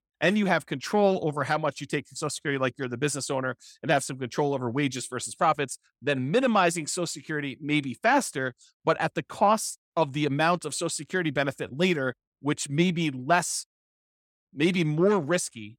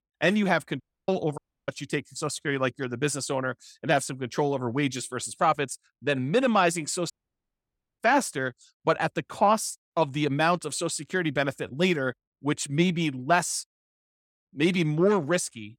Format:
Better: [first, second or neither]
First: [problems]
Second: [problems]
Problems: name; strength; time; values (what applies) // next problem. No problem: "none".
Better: first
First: none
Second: audio cutting out; at 1 s, at 1.5 s and at 7 s for 1 s